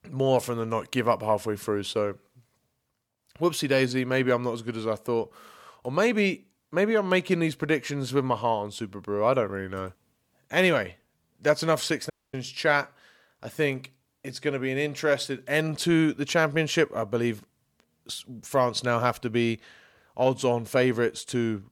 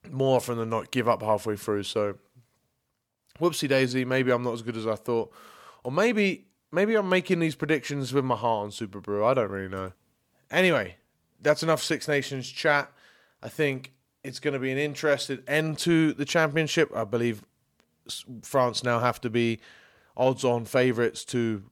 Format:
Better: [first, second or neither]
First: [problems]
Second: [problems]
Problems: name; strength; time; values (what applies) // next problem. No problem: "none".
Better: second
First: audio cutting out; at 12 s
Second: none